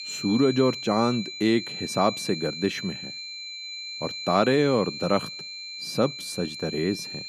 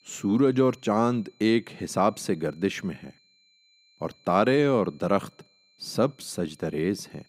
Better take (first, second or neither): second